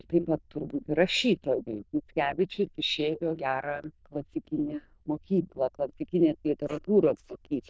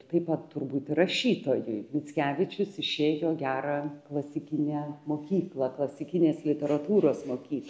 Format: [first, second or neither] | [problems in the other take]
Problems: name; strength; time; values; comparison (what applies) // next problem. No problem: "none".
second | noise reduction (neural diffusion model UNIVERSE++)